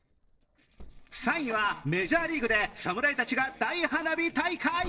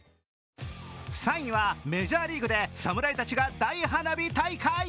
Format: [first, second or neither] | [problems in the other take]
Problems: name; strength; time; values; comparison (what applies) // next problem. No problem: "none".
second | noise reduction (neural separator model SepFormer DNS4)